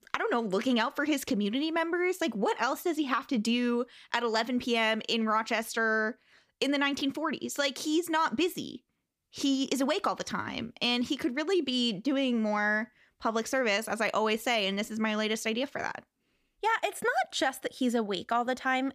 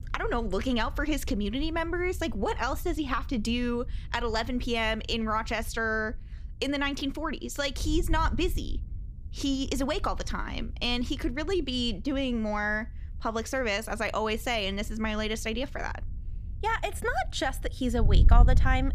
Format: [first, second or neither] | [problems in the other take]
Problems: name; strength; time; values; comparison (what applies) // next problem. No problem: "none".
first | wind noise on the microphone; occasional gusts; 25 dB below the speech